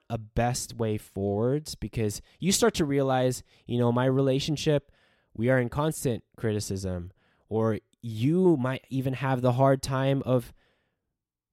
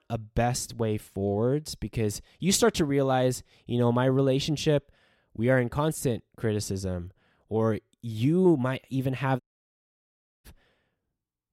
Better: first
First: none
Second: audio cutting out; at 9.5 s for 1 s

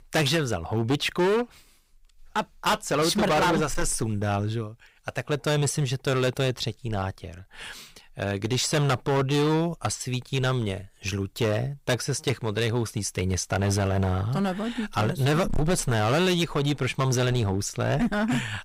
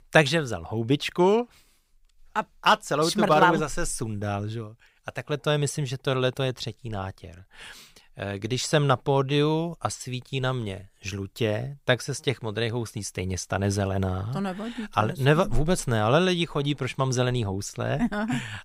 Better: second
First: distortion; heavy; 12% of the sound clipped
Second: none

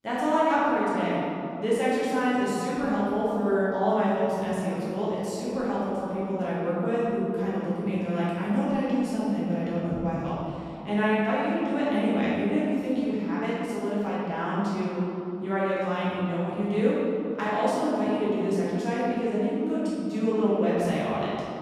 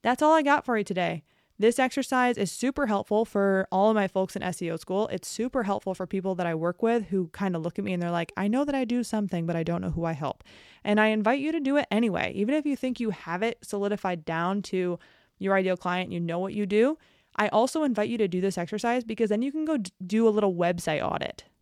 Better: second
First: room echo; strong; dies away in 2.8 s // off-mic speech; far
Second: none

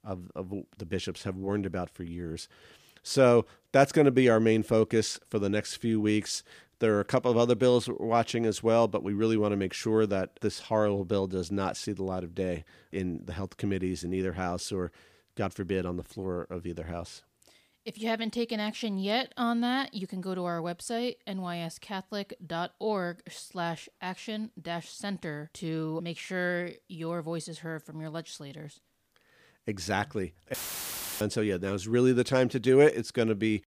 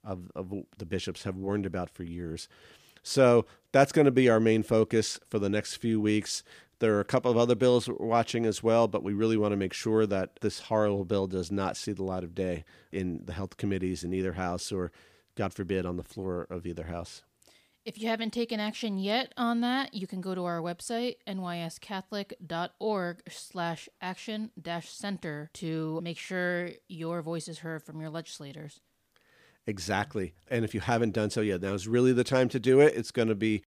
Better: second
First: audio cutting out; filled with static; at 31 s for 0.5 s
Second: none

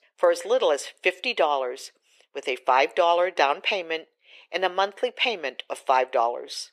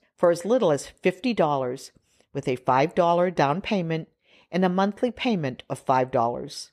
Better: second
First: thin; very; fading below 400 Hz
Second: none

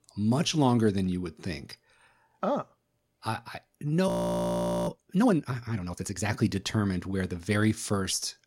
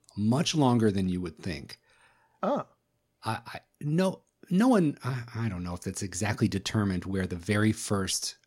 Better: second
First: audio freezing; at 4 s for 1 s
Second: none

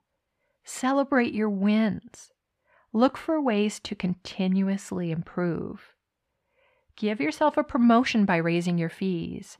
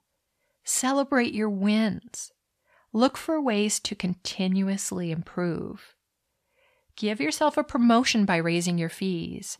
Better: second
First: muffled; slightly; fading above 4 kHz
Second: none

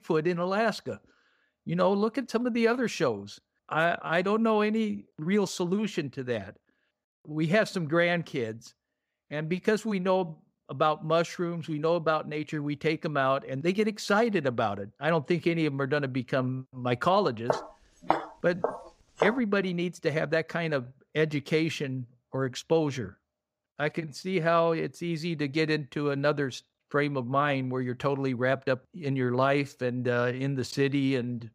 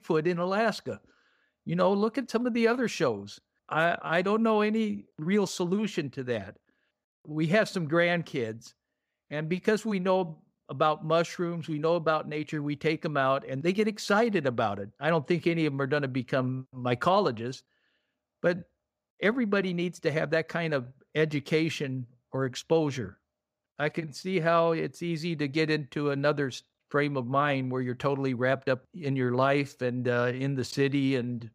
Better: second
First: footsteps; noticeable; from 18 to 19 s; peak 2 dB below the speech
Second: none

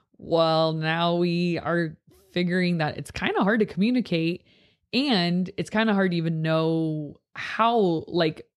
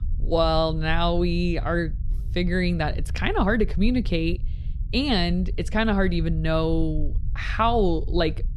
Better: first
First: none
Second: low rumble; faint; throughout; 25 dB below the speech

